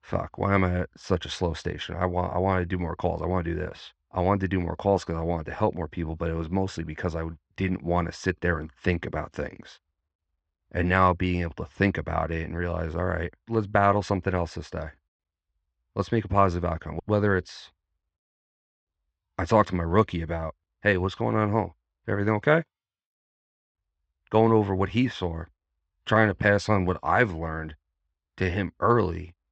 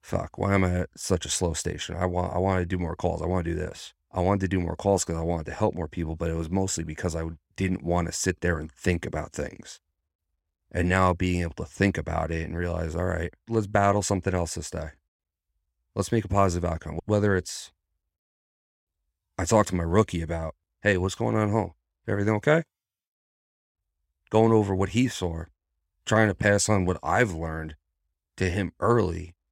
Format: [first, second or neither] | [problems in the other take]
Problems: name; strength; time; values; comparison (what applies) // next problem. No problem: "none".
second | muffled; slightly; fading above 4.5 kHz